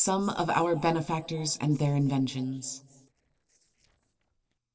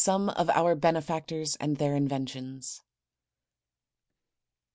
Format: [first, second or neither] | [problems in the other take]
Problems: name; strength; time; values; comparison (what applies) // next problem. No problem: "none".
second | noise reduction (neural separator model SepFormer DNS4)